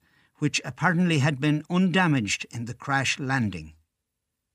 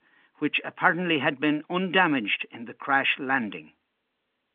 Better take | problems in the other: first | phone-call audio

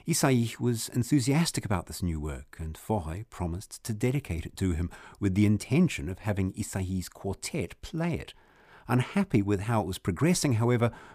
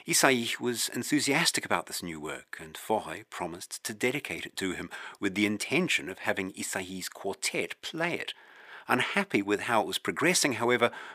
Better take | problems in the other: first | thin; somewhat; fading below 350 Hz

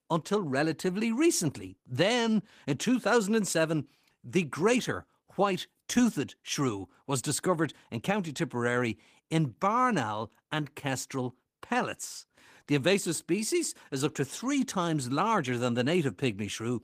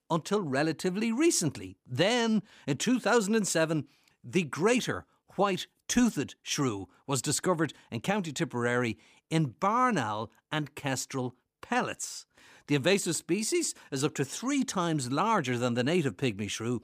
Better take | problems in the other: second | garbled, watery; slightly; nothing above 15 kHz

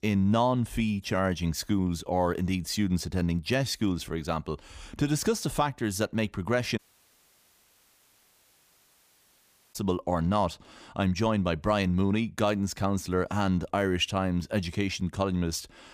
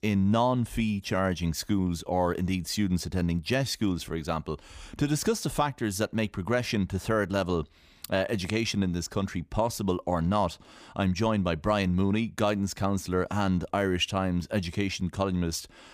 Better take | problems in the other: second | audio cutting out; at 7 s for 3 s

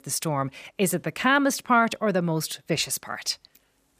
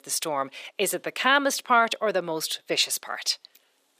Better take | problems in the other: first | thin; somewhat; fading below 450 Hz

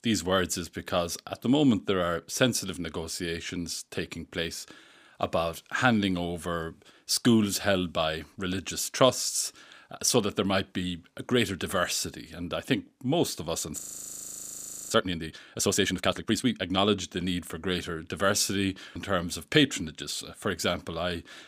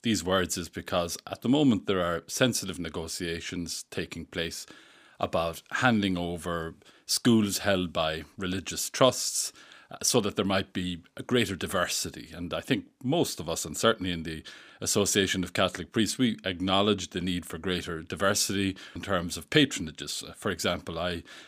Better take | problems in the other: second | audio freezing; at 14 s for 1 s

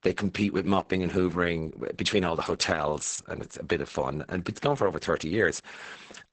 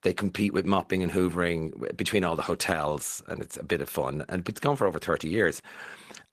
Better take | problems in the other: second | garbled, watery; badly; nothing above 8 kHz; slightly in the second

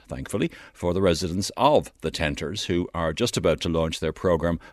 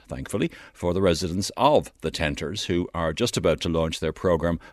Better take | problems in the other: neither | none

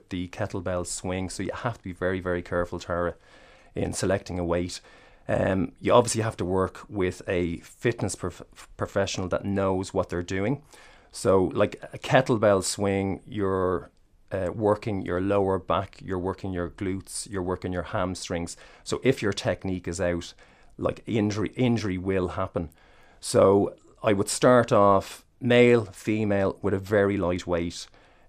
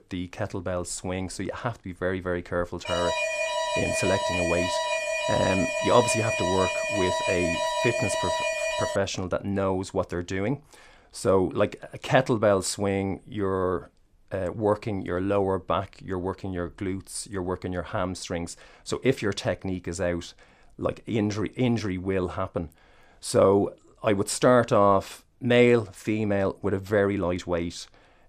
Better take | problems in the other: first | alarm; loud; from 3 to 9 s; peak 1 dB above the speech

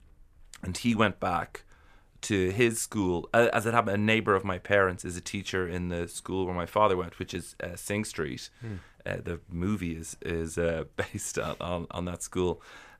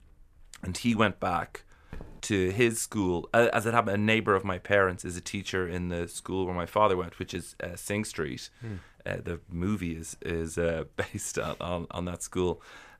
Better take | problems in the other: first | footsteps; faint; at 2 s; peak 20 dB below the speech

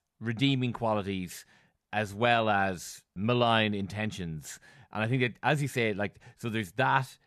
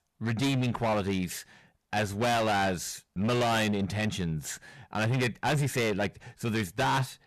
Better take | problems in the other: first | distortion; heavy; 19% of the sound clipped

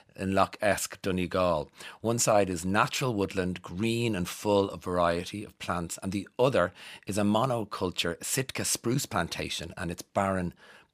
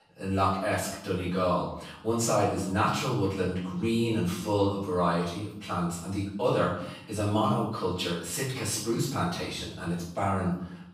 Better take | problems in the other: first | off-mic speech; far // room echo; noticeable; dies away in 0.6 s

